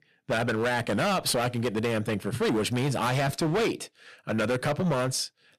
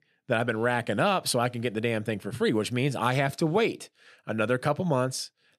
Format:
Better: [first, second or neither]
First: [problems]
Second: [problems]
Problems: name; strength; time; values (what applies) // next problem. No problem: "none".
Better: second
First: distortion; heavy; 17% of the sound clipped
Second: none